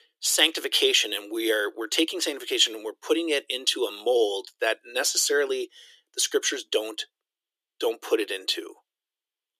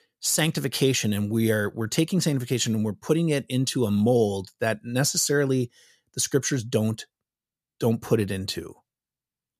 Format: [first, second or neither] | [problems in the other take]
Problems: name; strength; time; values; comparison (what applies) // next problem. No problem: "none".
second | thin; very; fading below 300 Hz